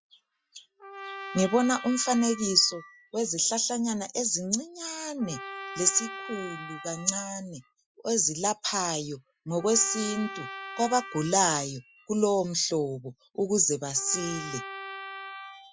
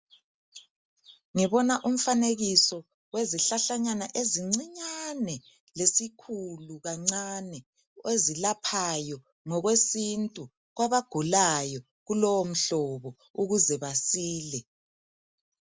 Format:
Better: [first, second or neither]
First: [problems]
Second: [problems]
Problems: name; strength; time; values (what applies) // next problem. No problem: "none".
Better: second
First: noise reduction (classical method Wiener filter)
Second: none